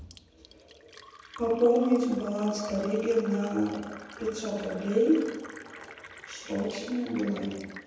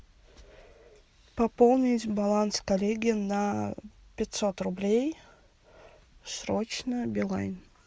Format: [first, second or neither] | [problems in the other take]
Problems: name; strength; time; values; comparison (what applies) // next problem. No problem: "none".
second | background sound (Fill (with liquid)); 17 dB below the speech // room echo; dies away in 1.1 s